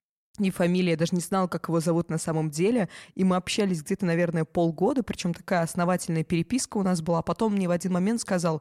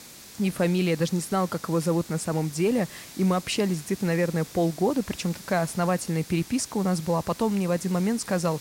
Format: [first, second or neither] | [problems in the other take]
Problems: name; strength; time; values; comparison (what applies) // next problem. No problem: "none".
first | hiss; noticeable; throughout; 15 dB below the speech